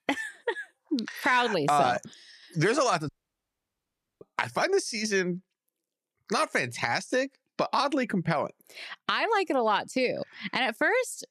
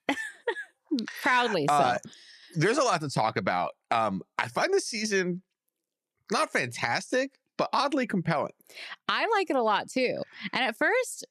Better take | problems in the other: second | audio cutting out; at 3 s for 1 s

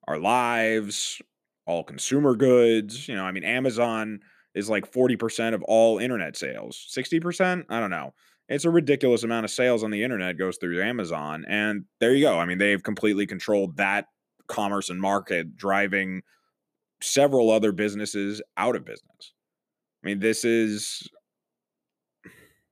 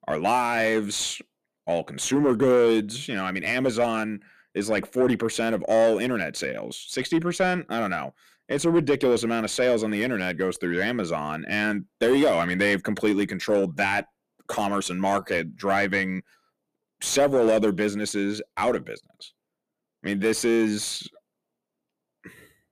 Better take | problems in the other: first | distortion; slight; 10 dB below the speech

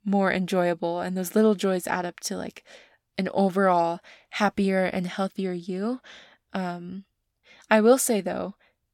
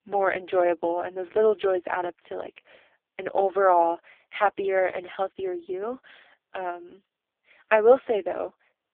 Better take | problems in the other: first | phone-call audio; poor line

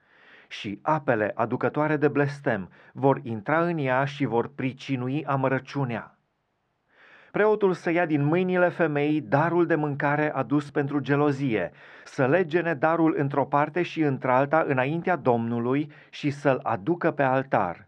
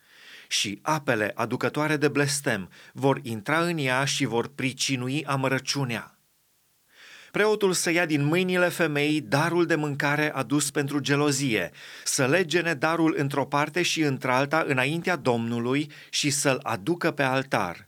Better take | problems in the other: second | muffled; very; fading above 1.5 kHz

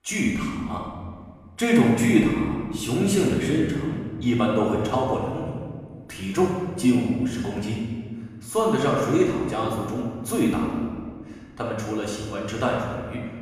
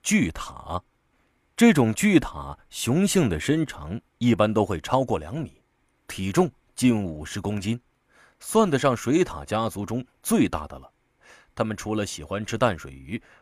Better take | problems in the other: second | off-mic speech; far // room echo; noticeable; dies away in 1.6 s

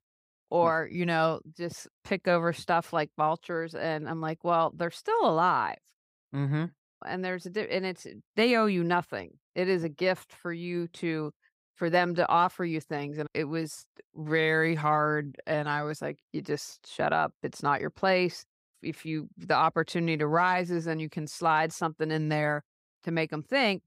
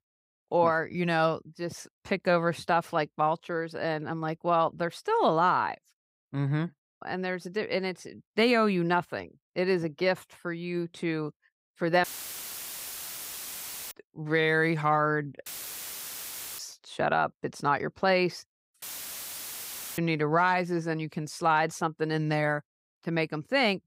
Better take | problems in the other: first | audio cutting out; filled with static; at 12 s for 2 s, at 15 s for 1 s and at 19 s for 1 s

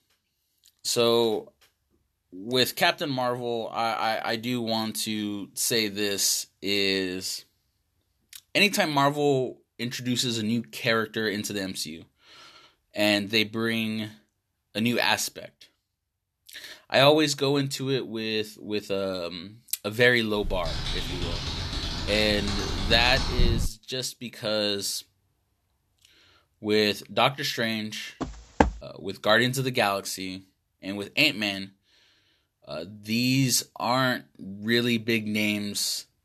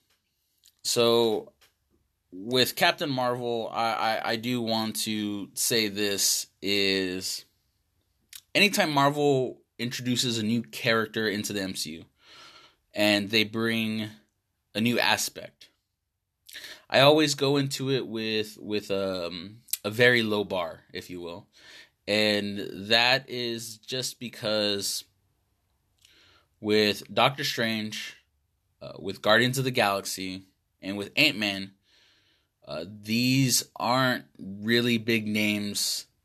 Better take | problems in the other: second | keyboard typing; noticeable; from 20 to 24 s; peak 2 dB below the speech // footsteps; loud; at 28 s; peak level with the speech

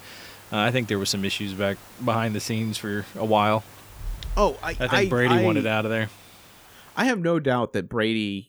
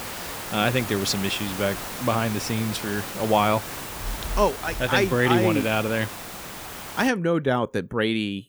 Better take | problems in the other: first | hiss; loud; until 7 s; 9 dB below the speech; faint in the first

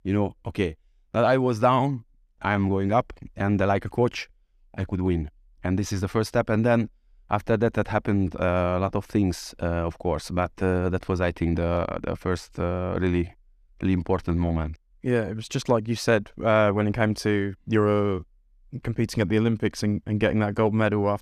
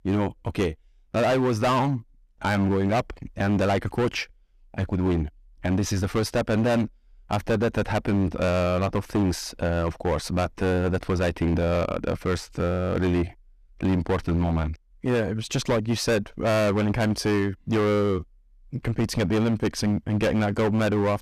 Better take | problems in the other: first | distortion; heavy; 15% of the sound clipped

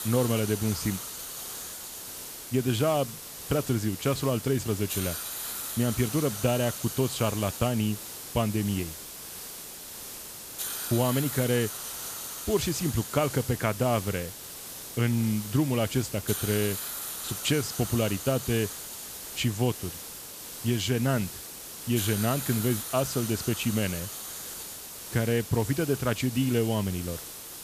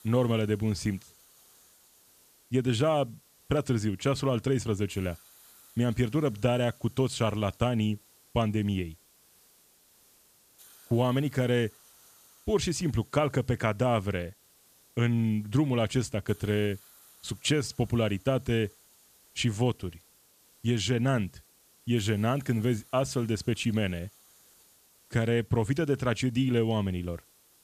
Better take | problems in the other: second | hiss; loud; throughout; 7 dB below the speech; faint in the second

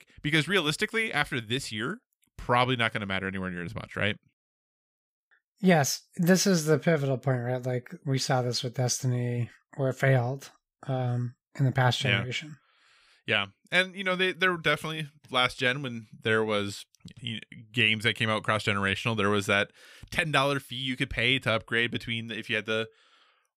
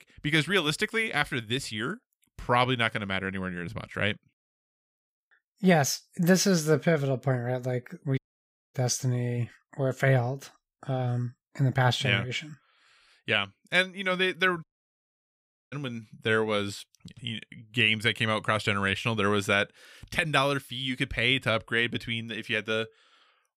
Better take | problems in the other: first | audio cutting out; at 8 s for 0.5 s and at 15 s for 1 s

